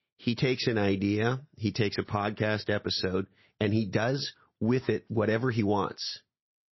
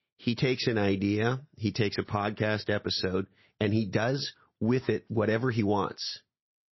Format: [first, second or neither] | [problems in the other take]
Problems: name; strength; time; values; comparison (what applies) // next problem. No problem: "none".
neither | garbled, watery; slightly; nothing above 5.5 kHz; the same in both